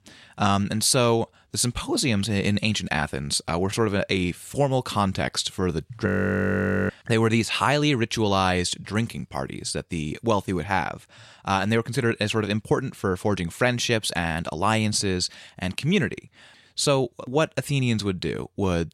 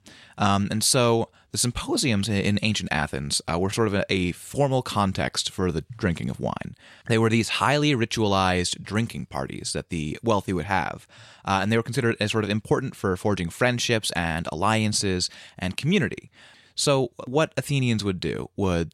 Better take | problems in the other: second | audio freezing; at 6 s for 1 s

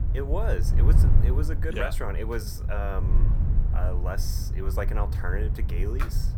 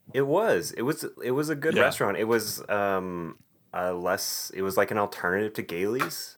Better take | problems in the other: second | wind noise on the microphone; heavy; 8 dB below the speech

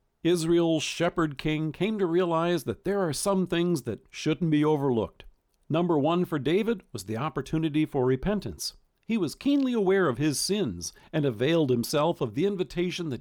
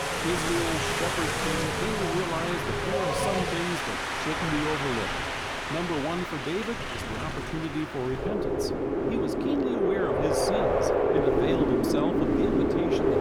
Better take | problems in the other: first | wind in the background; very loud; throughout; 5 dB above the speech

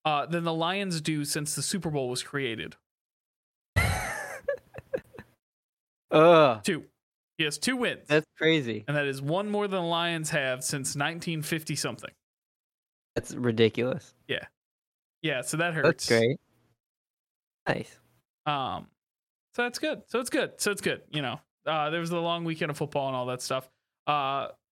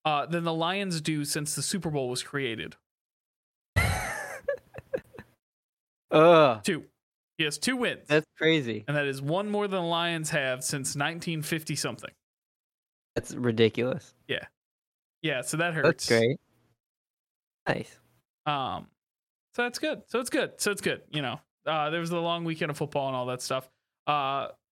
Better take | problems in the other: neither | none

